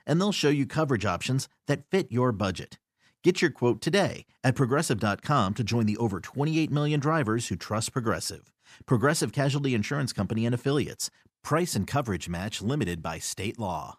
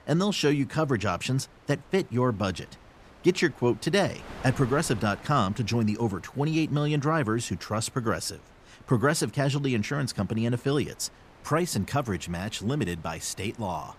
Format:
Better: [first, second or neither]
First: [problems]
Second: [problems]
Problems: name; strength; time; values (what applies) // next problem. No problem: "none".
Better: first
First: none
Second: wind noise on the microphone; occasional gusts; 20 dB below the speech